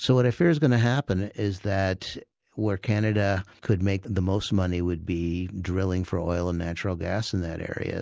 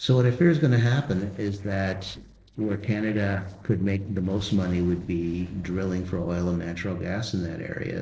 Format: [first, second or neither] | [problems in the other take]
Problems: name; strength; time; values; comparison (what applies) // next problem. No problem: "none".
first | noise reduction (neural separator model SepFormer DNS4)